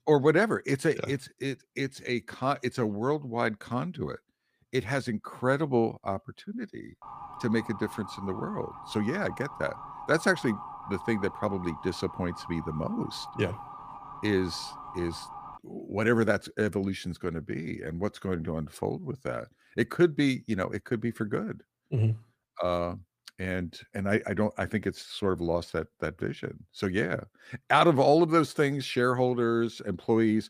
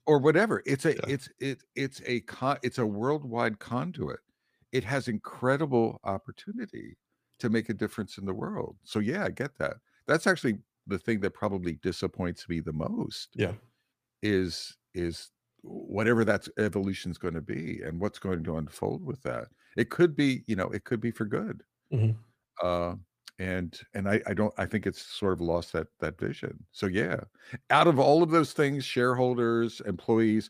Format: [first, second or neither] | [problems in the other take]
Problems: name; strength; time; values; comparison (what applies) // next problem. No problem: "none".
second | siren; faint; from 7 to 16 s; peak 10 dB below the speech